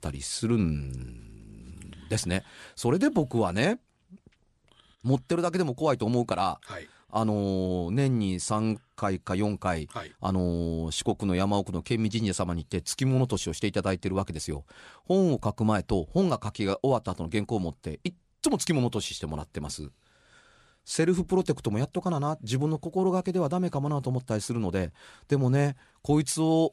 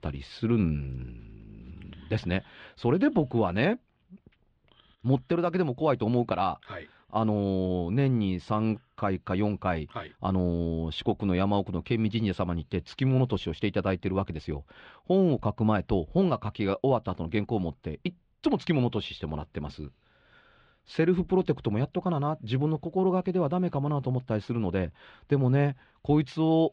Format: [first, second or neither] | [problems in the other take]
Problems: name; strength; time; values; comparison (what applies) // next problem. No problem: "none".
first | muffled; slightly; fading above 3.5 kHz